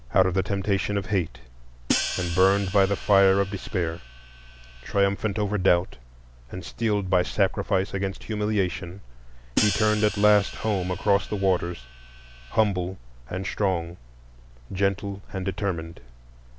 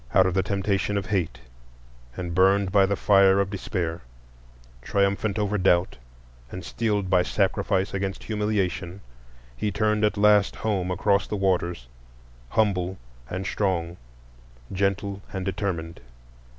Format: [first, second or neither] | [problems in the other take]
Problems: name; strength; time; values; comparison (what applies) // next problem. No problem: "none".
second | background sound (Hi-hat); 9 dB below the speech